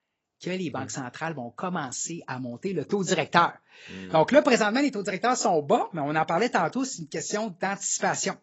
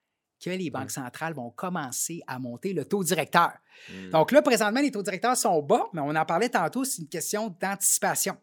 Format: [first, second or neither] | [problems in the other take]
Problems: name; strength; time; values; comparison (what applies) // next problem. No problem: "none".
second | garbled, watery; badly; nothing above 7.5 kHz